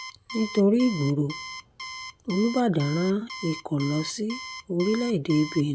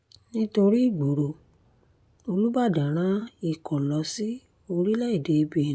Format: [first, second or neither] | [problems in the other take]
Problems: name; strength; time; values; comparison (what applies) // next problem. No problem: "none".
second | background sound (Alarm); 14 dB below the speech